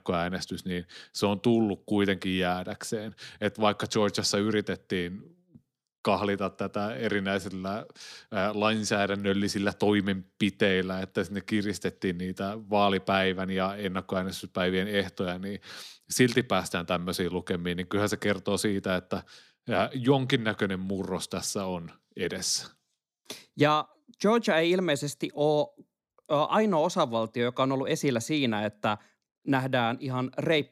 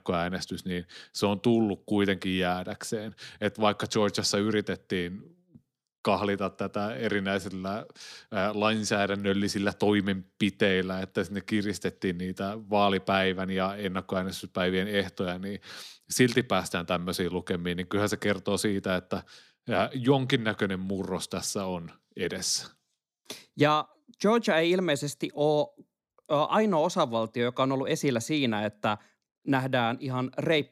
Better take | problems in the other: neither | none

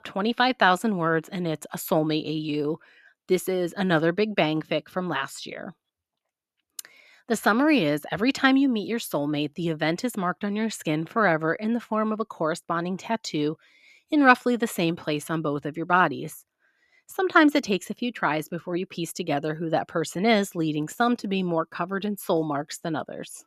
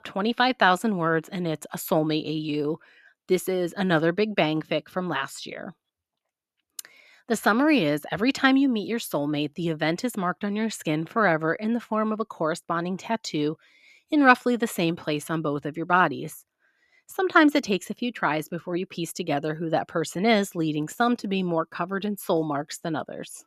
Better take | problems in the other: neither | none

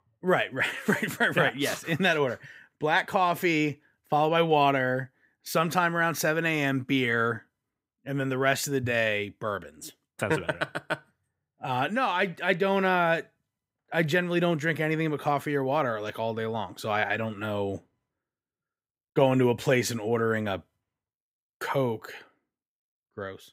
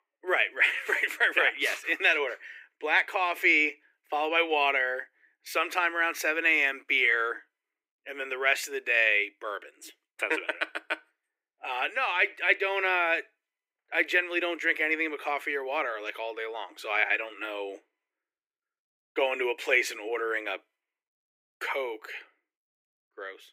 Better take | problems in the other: first | thin; very; fading below 300 Hz

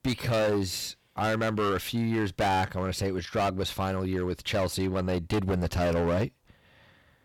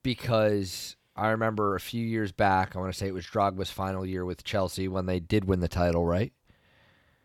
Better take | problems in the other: second | distortion; heavy; 15% of the sound clipped

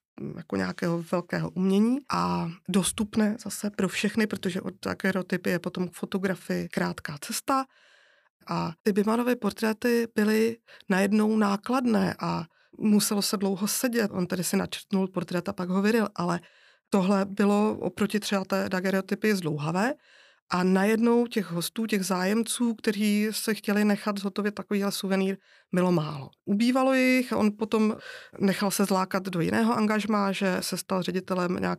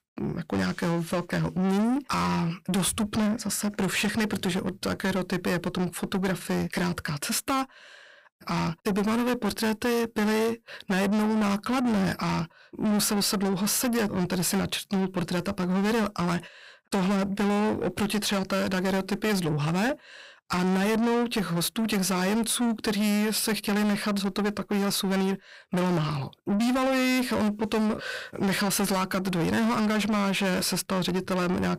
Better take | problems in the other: first | distortion; heavy; 7 dB below the speech

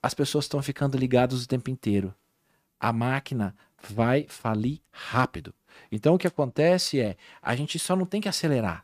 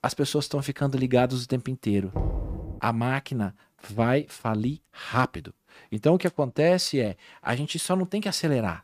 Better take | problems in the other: first | door banging; noticeable; at 2 s; peak 4 dB below the speech

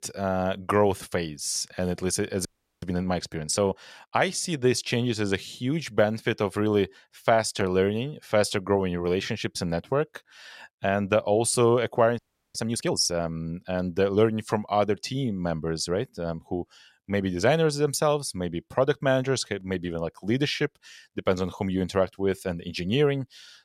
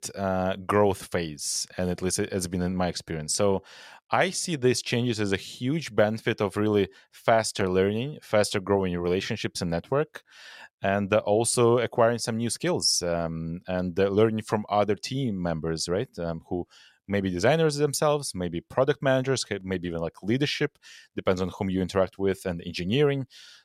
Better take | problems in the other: second | audio freezing; at 2.5 s and at 12 s

